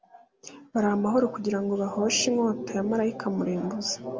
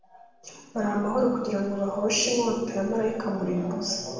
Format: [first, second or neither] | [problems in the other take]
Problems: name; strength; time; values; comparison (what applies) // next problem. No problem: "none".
first | room echo; dies away in 0.9 s